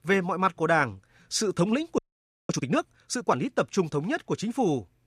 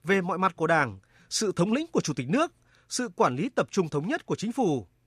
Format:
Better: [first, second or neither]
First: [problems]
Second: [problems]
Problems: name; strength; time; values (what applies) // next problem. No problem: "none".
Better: second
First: audio freezing; at 2 s for 0.5 s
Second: none